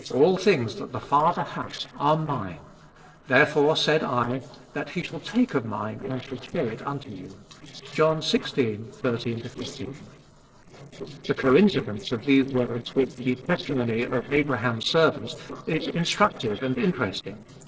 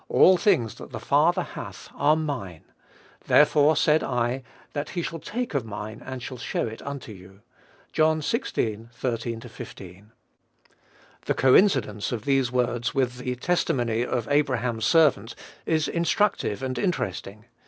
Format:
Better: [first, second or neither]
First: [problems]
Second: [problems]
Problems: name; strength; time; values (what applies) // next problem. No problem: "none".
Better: second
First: noise reduction (neural separator model SepFormer DNS4)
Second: none